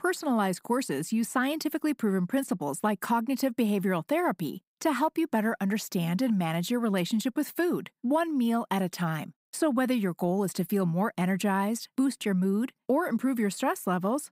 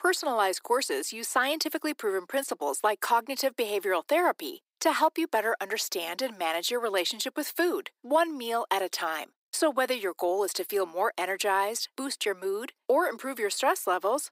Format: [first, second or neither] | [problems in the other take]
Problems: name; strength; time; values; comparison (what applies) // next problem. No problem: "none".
first | thin; very; fading below 350 Hz